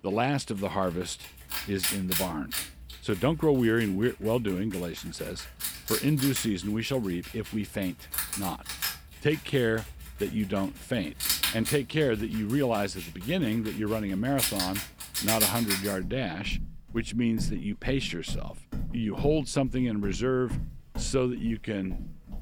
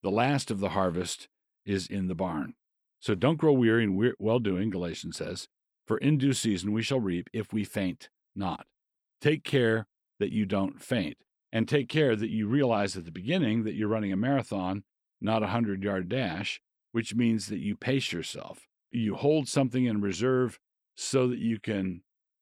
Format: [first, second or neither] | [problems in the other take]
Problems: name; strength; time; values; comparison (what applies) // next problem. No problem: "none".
second | animal sounds; loud; throughout; 4 dB below the speech